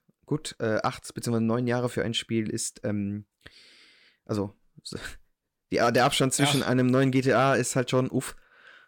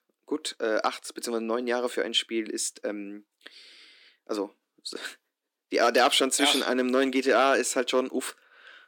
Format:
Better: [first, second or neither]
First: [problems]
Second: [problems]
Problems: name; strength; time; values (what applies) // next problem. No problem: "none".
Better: first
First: none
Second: thin; very slightly; fading below 250 Hz